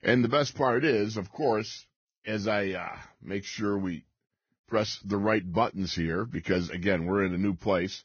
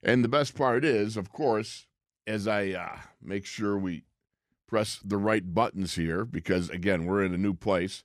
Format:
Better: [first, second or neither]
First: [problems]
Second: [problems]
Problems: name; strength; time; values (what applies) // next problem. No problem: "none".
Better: second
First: garbled, watery; badly; nothing above 6.5 kHz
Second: none